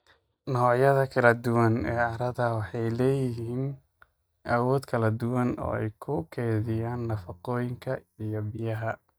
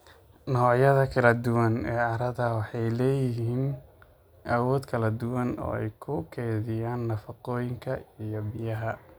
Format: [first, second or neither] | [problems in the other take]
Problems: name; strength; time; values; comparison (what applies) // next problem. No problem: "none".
second | noise reduction (neural mask model DeepFilterNet 3)